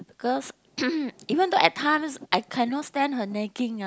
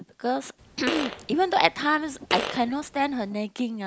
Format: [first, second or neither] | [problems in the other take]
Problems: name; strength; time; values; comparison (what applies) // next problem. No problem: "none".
first | background sound (Fart); 9 dB below the speech